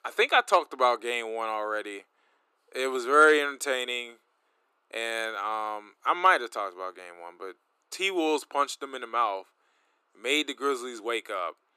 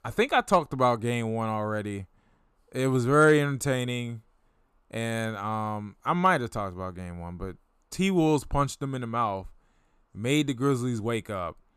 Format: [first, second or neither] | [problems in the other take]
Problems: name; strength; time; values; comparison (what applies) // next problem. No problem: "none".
second | thin; very; fading below 350 Hz